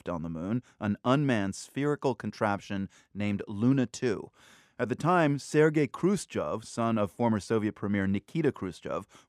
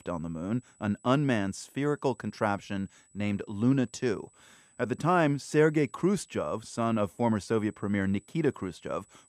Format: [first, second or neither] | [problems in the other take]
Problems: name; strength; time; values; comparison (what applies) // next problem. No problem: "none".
first | high-pitched whine; faint; throughout; 8 kHz, 30 dB below the speech